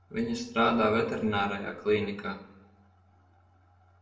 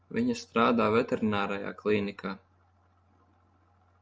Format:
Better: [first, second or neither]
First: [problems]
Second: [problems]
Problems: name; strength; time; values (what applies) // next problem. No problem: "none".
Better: second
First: room echo; dies away in 0.6 s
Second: none